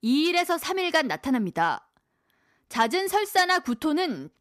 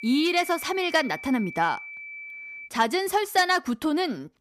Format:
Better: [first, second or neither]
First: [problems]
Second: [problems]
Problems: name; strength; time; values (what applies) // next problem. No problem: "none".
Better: first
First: none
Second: high-pitched whine; noticeable; until 2.5 s; 2.5 kHz, 15 dB below the speech